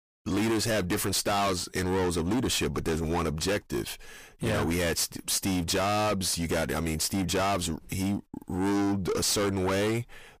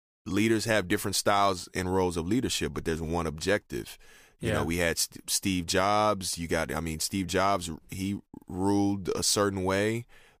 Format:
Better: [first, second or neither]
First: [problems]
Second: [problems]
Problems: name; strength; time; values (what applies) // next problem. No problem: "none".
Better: second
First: distortion; heavy; 6 dB below the speech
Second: none